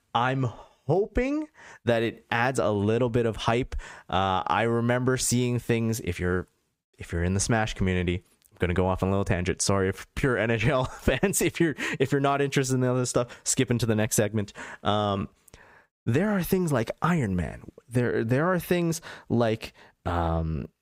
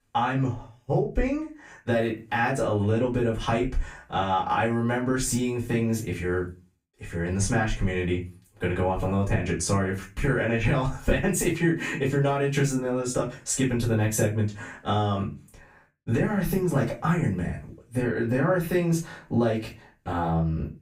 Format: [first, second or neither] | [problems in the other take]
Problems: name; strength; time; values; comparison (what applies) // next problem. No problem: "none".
first | off-mic speech; far // room echo; very slight; dies away in 0.3 s